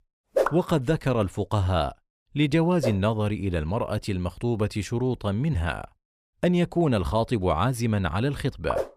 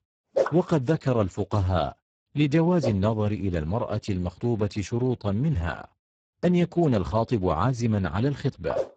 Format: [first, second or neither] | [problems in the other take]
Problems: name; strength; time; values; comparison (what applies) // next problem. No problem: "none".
first | garbled, watery; badly; nothing above 8 kHz